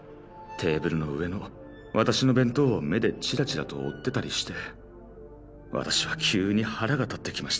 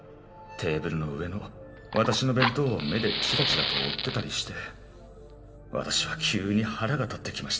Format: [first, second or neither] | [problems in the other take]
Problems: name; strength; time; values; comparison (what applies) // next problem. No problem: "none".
first | background sound (Fire); 3 dB below the speech // room echo; dies away in 1.9 s